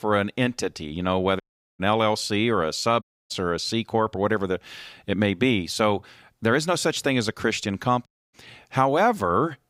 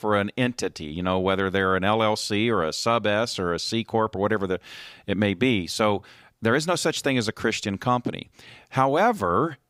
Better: second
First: audio cutting out; at 1.5 s, at 3 s and at 8 s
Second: none

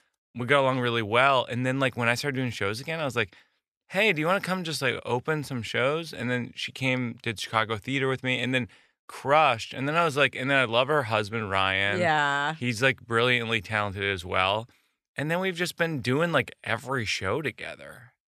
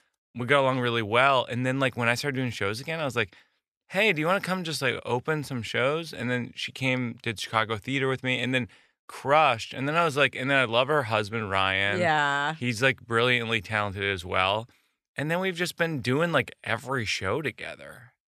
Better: neither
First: none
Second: none

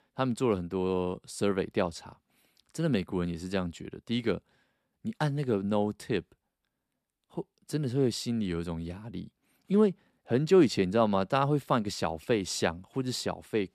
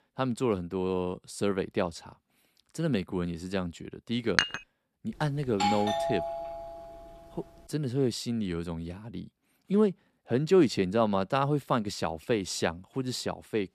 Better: first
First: none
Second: clattering dishes; loud; at 4.5 s; peak 3 dB above the speech // doorbell; loud; from 5.5 to 7 s; peak 1 dB above the speech

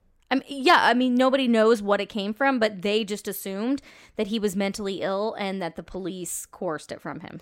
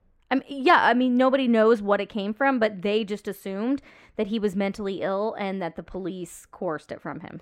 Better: first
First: none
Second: muffled; slightly; fading above 3.5 kHz

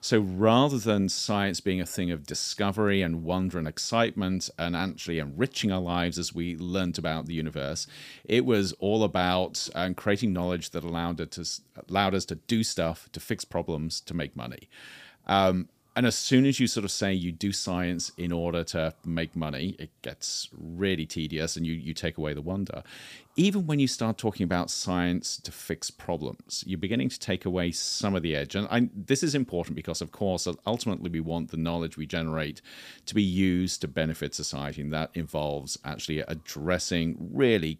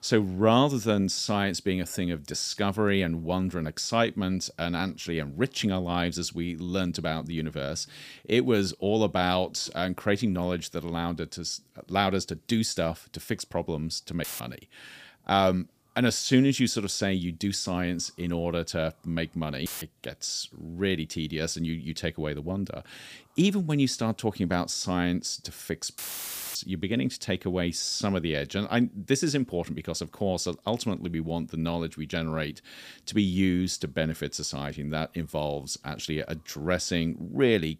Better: first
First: none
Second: audio cutting out; filled with static; at 14 s, at 20 s and at 26 s for 0.5 s

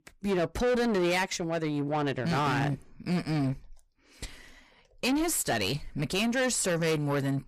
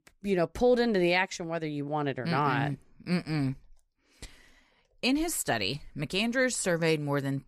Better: second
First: distortion; heavy; 8 dB below the speech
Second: none

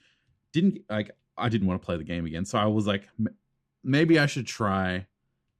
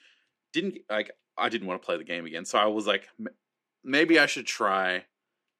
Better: first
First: none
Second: thin; somewhat; fading below 350 Hz

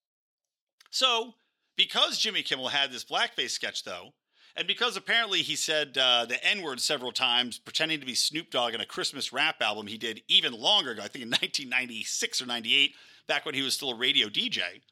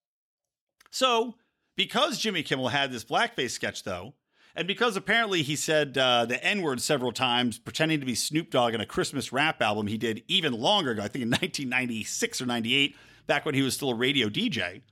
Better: second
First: thin; very slightly; fading below 450 Hz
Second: none

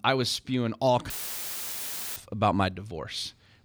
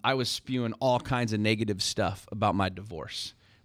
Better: second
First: audio cutting out; filled with static; at 1 s for 1 s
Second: none

